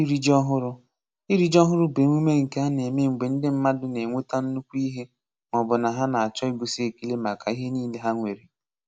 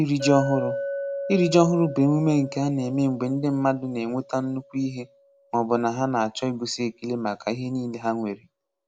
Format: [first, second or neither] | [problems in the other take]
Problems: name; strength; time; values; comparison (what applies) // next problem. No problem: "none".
first | background sound (Chink, clink); 11 dB below the speech